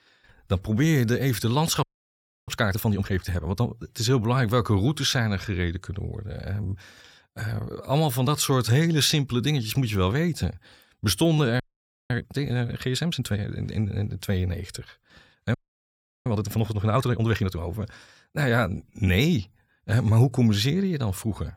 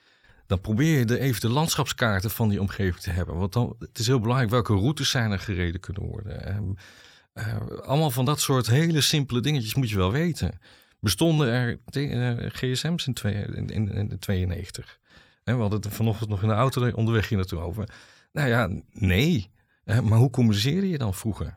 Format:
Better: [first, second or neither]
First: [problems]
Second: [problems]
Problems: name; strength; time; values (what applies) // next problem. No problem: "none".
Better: second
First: audio freezing; at 2 s for 0.5 s, at 12 s for 0.5 s and at 16 s for 0.5 s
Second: none